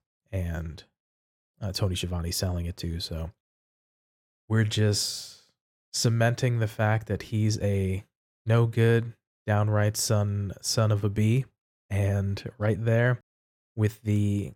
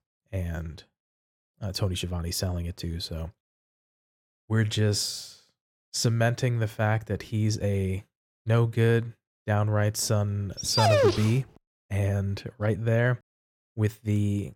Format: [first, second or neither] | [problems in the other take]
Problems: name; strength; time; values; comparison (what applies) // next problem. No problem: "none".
first | dog barking; loud; at 11 s; peak 5 dB above the speech